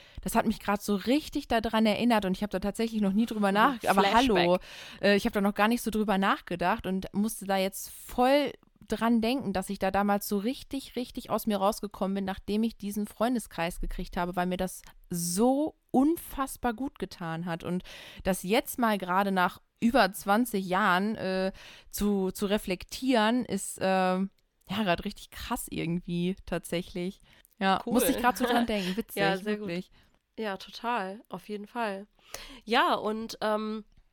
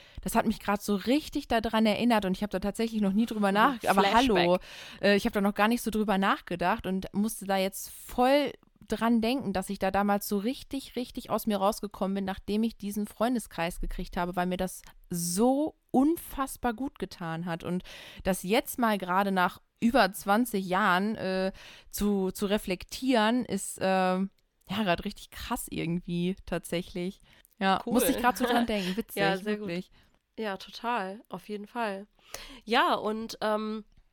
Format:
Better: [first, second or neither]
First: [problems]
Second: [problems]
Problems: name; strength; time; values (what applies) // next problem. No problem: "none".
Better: neither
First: none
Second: none